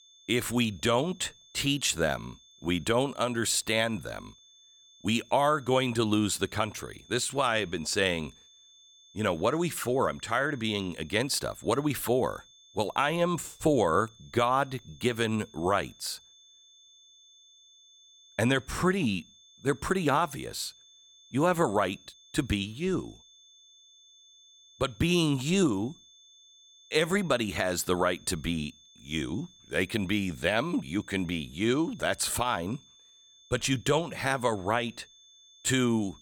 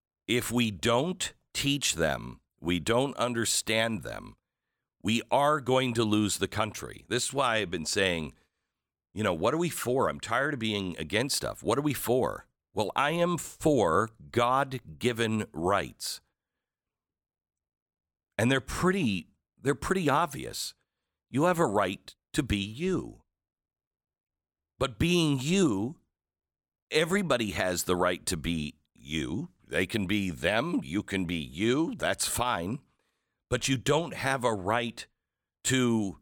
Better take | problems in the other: second | high-pitched whine; faint; throughout; 3.5 kHz, 25 dB below the speech

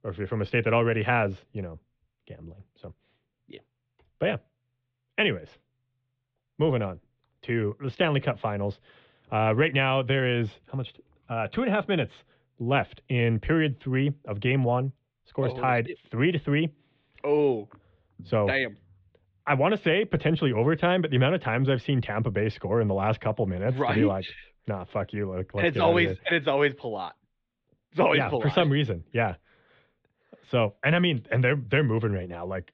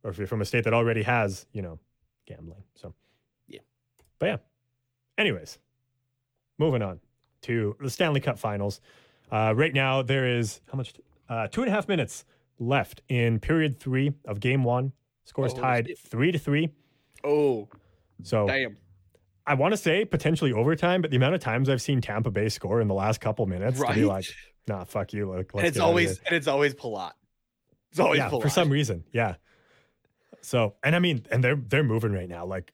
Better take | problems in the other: second | muffled; very; fading above 3.5 kHz

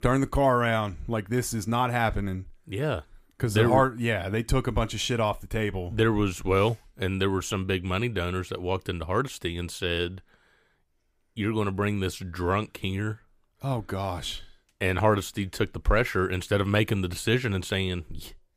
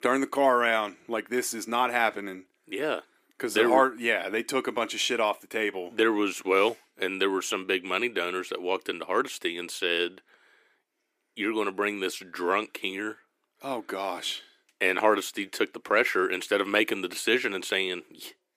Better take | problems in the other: first | thin; somewhat; fading below 300 Hz

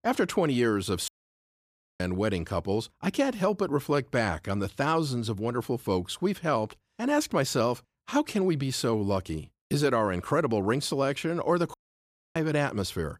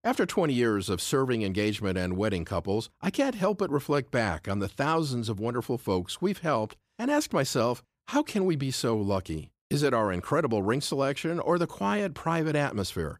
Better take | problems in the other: second | audio cutting out; at 1 s for 1 s and at 12 s for 0.5 s

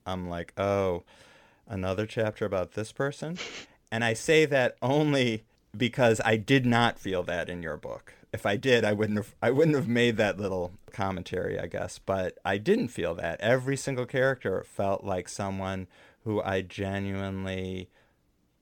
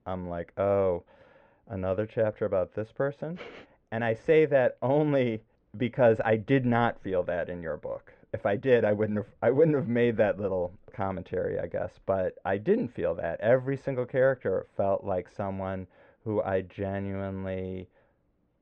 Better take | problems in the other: first | muffled; very; fading above 1.5 kHz

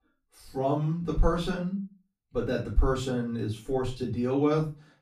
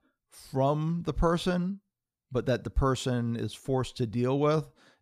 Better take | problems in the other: second | off-mic speech; far // room echo; slight; dies away in 0.3 s

